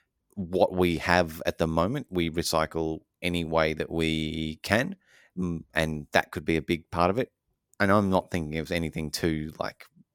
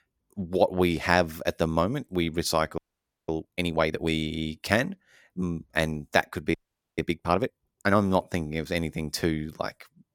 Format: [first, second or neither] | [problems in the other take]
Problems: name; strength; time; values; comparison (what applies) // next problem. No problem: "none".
first | audio freezing; at 3 s for 0.5 s and at 6.5 s